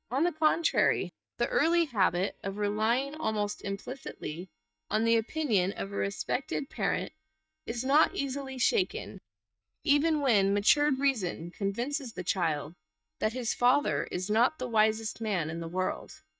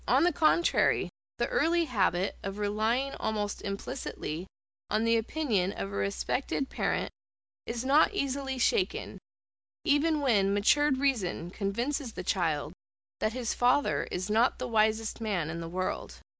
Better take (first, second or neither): second